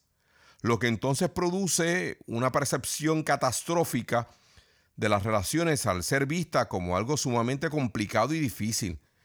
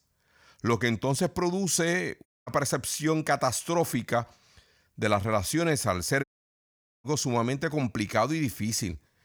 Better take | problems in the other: first | audio cutting out; at 2.5 s and at 6 s for 1 s

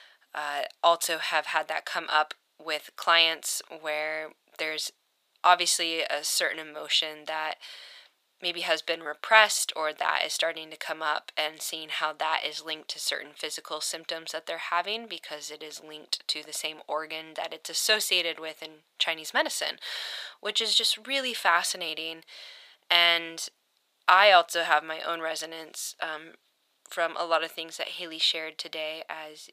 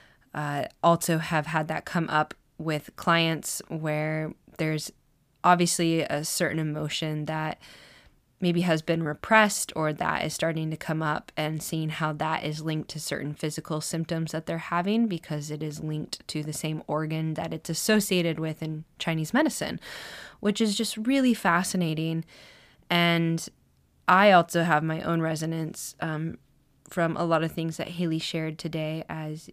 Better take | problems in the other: second | thin; very; fading below 550 Hz

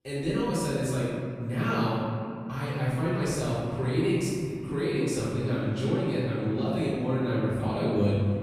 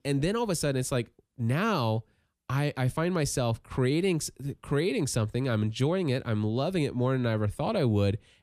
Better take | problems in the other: second | off-mic speech; far // room echo; strong; dies away in 2.3 s

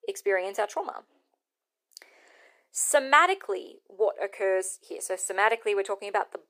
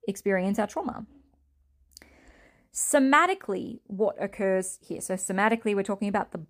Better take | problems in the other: second | thin; very; fading below 400 Hz

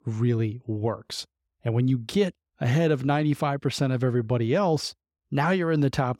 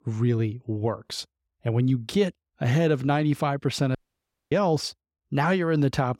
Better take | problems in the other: first | audio cutting out; at 4 s for 0.5 s

